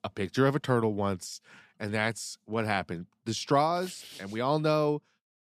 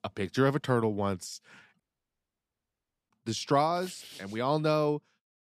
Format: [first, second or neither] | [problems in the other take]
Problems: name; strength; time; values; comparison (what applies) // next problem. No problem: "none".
first | audio cutting out; at 2 s for 1.5 s